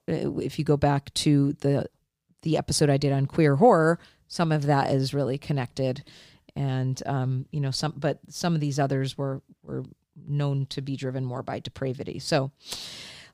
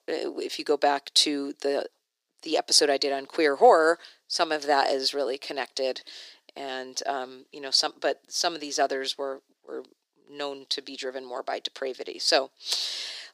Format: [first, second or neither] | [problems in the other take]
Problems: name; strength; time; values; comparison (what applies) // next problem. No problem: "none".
first | thin; very; fading below 350 Hz